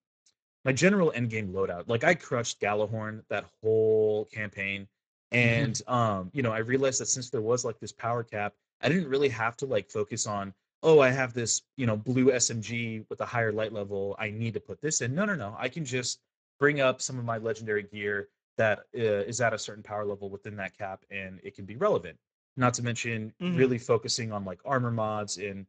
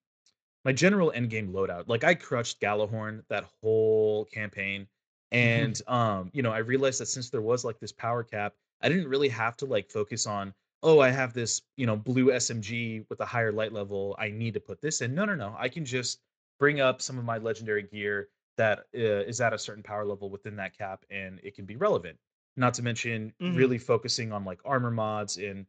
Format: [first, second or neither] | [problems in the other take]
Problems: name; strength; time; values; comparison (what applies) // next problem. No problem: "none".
second | garbled, watery; badly; nothing above 7.5 kHz; slightly in the second